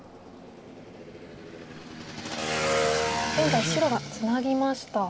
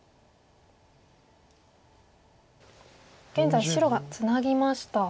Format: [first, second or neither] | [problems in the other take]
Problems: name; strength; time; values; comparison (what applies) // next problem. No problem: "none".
second | background sound (Motorcycle / Engine); 2 dB below the speech